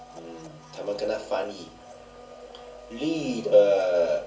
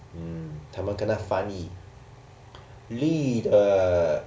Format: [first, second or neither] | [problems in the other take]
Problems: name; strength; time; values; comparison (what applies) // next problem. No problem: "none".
second | background sound (Domestic sounds, home sounds); 19 dB below the speech // room echo; dies away in 0.2 s